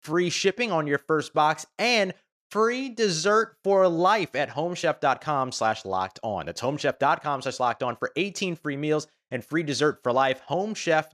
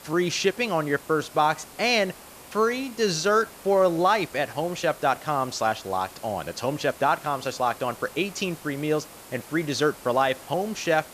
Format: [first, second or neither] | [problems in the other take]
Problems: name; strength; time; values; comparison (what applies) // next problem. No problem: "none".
first | hiss; noticeable; throughout; 20 dB below the speech